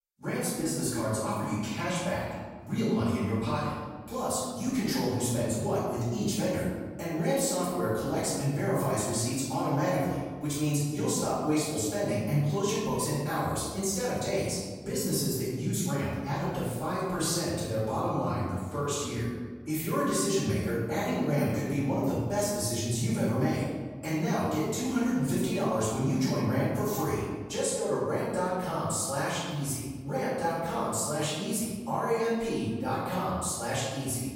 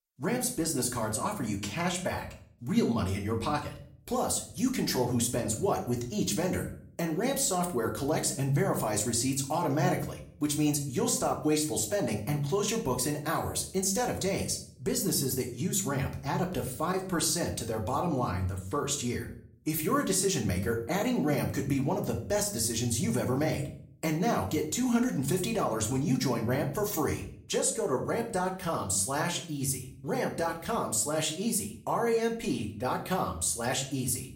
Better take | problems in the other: second | room echo; strong; dies away in 1.3 s; slight in the second // off-mic speech; far; somewhat distant in the second

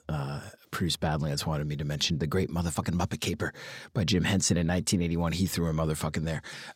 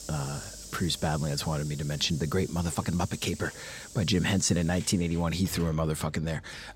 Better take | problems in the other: first | hiss; noticeable; throughout; 15 dB below the speech

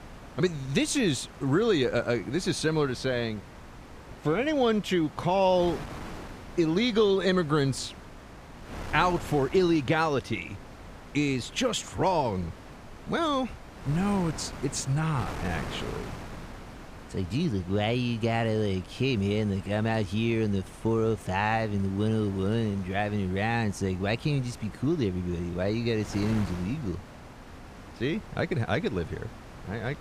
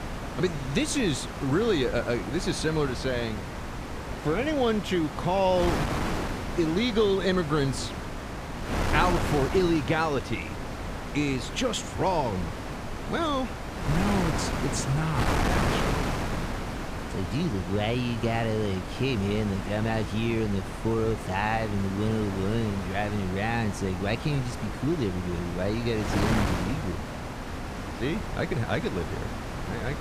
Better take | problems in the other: first | wind noise on the microphone; heavy; 4 dB below the speech; occasional gusts in the first

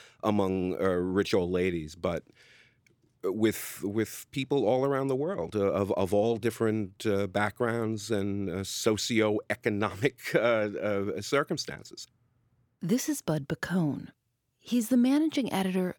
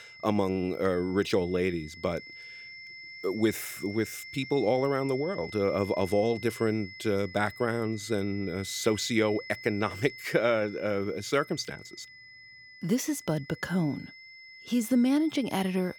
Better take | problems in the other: first | high-pitched whine; noticeable; throughout; 2 kHz, 15 dB below the speech

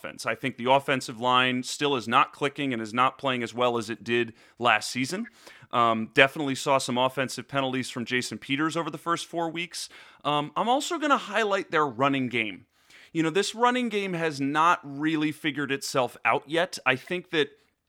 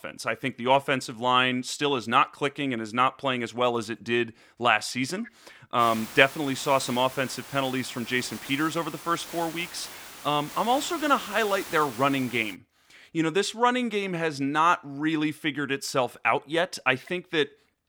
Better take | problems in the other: first | hiss; noticeable; from 6 to 13 s; 15 dB below the speech

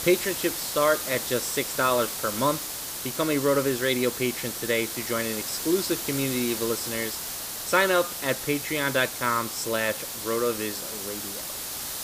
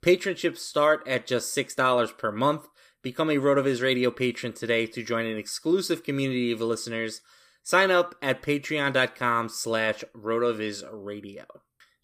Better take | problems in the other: second | hiss; loud; throughout; 4 dB below the speech

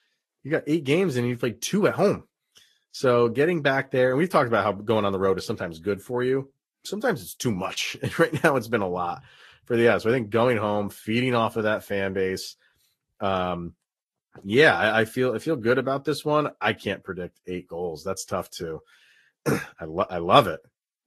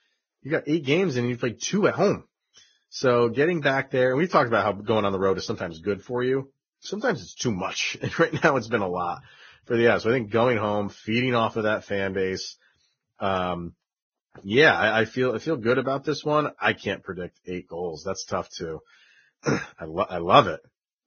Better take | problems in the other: first | garbled, watery; badly; nothing above 6.5 kHz; slightly in the first

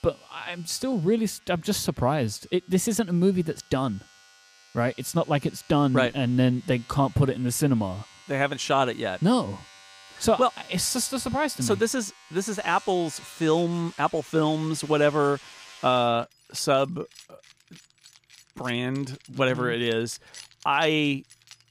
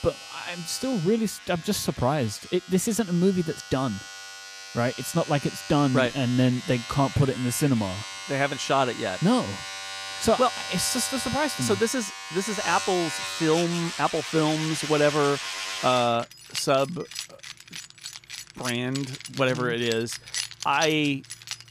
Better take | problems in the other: first | household noises; loud; throughout; 9 dB below the speech; faint in the first

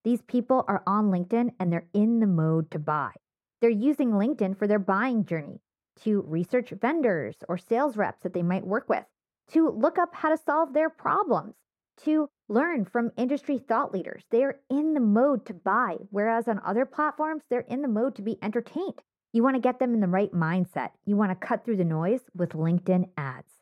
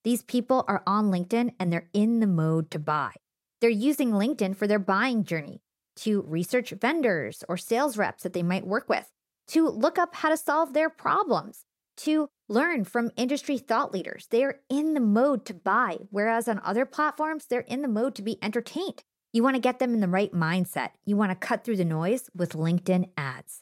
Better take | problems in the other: second | muffled; very; fading above 2.5 kHz

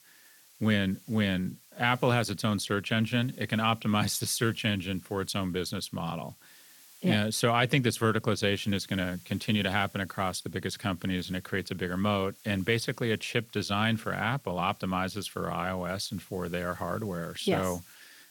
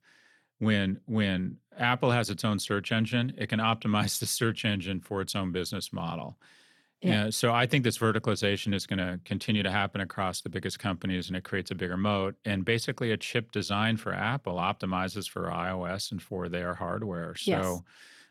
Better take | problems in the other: second | hiss; faint; throughout; 25 dB below the speech

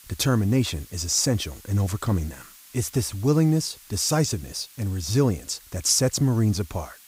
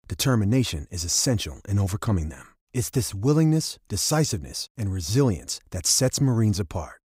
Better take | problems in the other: second | hiss; faint; throughout; 20 dB below the speech

